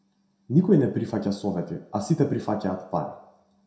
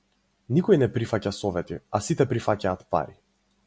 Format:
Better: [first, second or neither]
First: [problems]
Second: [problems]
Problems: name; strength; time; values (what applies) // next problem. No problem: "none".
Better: second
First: room echo; dies away in 0.6 s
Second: none